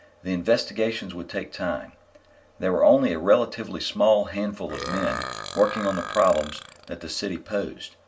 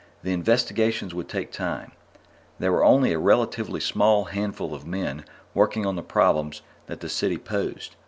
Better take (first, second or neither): second